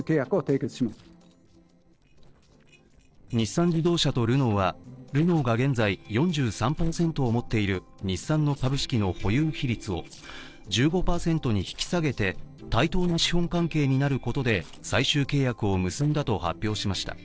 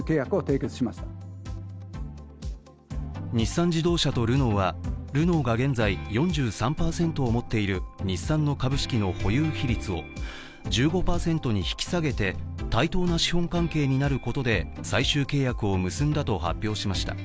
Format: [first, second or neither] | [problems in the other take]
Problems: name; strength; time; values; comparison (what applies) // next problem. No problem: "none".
second | noise reduction (neural separator model SepFormer DNS4)